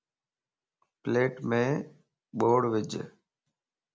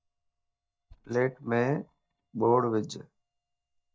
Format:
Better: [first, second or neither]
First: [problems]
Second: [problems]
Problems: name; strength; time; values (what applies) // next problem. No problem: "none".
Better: first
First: none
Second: noise reduction (neural mask model DeepFilterNet 3)